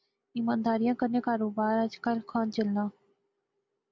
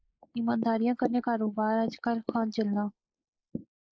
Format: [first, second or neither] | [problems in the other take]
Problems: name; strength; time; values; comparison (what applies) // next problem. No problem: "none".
first | noise reduction (neural mask model Resemble Enhance denoiser)